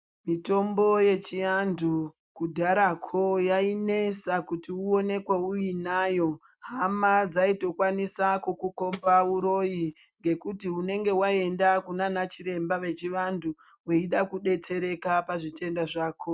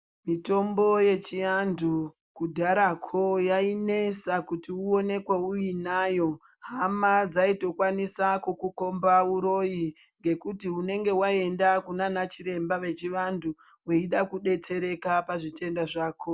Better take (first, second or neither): second